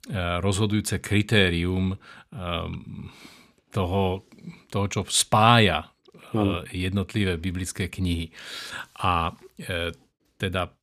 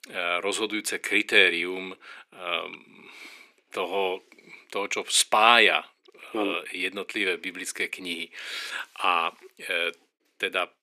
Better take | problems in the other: first | thin; very; fading below 350 Hz

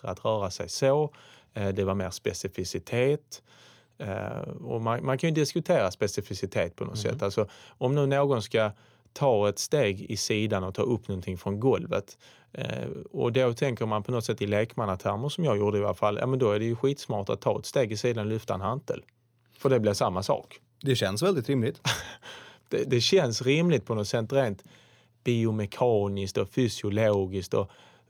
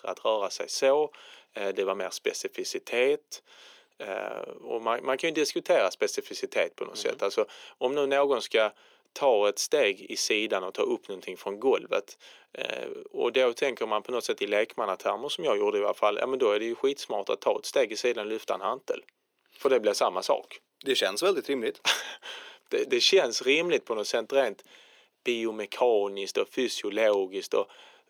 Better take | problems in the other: first | thin; somewhat; fading below 300 Hz

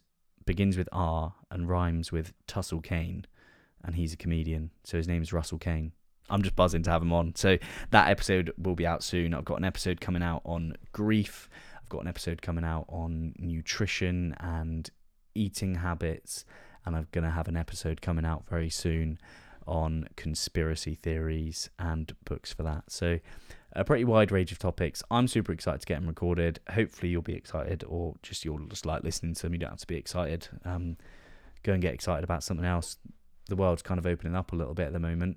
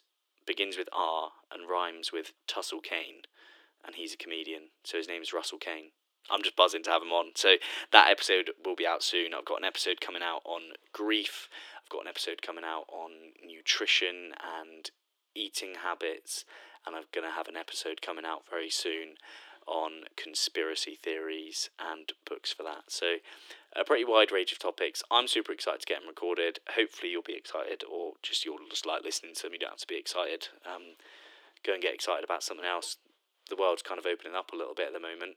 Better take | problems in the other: first | thin; very; fading below 300 Hz

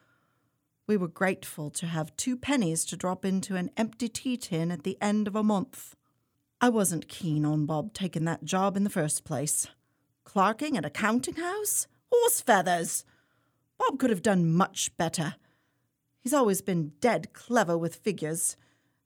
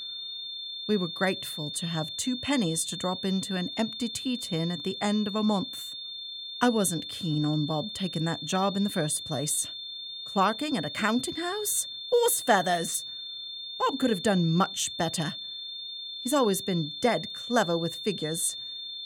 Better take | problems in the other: first | high-pitched whine; loud; throughout; 3.5 kHz, 7 dB below the speech

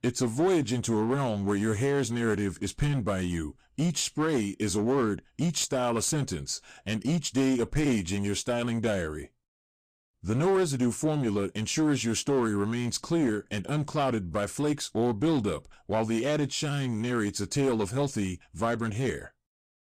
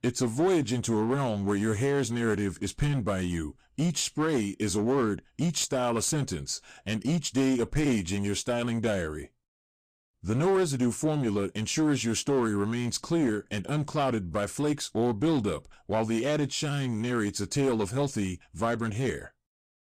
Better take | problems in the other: neither | distortion; slight; 9% of the sound clipped; the same in both

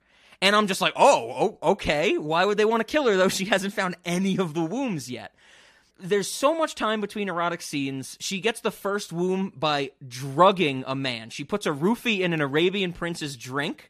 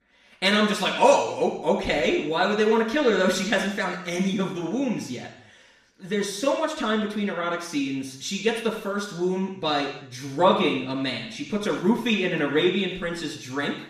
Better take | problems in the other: first | room echo; noticeable; dies away in 0.7 s // off-mic speech; far

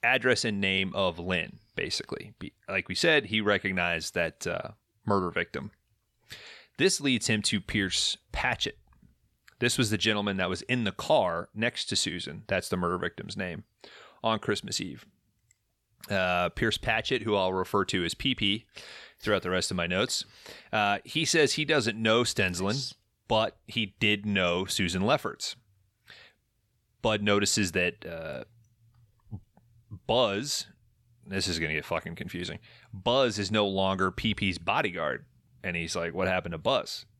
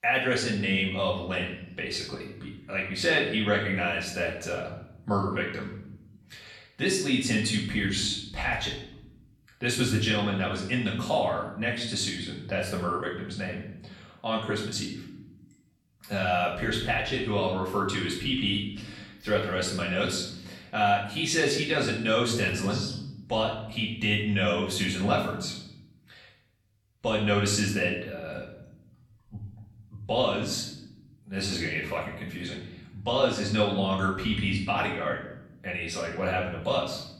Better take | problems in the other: first | off-mic speech; far // room echo; noticeable; dies away in 0.8 s

